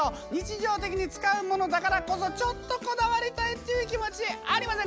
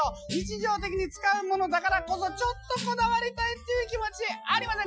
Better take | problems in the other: first | noise reduction (classical method Wiener filter)

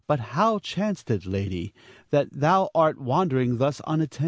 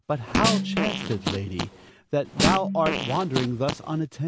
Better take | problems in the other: first | background sound (Snare drum + Fart); 1 dB below the speech

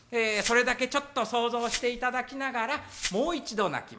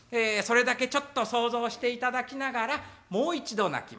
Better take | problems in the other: second | background sound (Glass); 12 dB below the speech

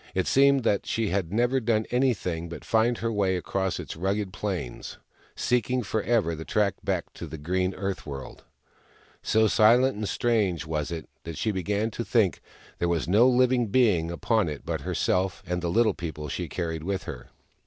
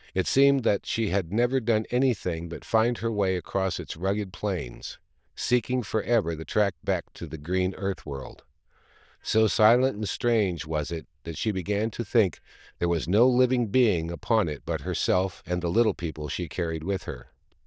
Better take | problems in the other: first | noise reduction (neural diffusion model UNIVERSE++)

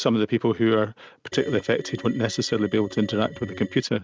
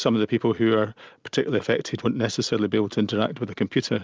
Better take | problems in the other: second | noise reduction (neural mask model RNNoise)

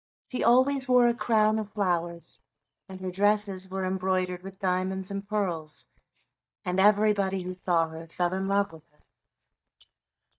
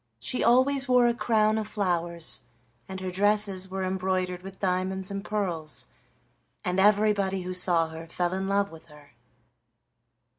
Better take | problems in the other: second | noise reduction (neural mask model DeepFilterNet 3)

